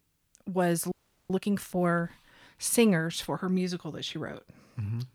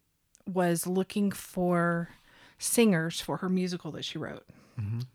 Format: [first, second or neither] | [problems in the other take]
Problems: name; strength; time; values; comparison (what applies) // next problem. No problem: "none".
second | audio freezing; at 1 s